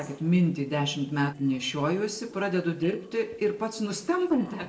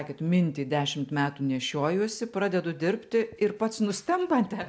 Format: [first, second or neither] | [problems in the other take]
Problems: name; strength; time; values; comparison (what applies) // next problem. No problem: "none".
second | noise reduction (neural separator model SepFormer DNS4)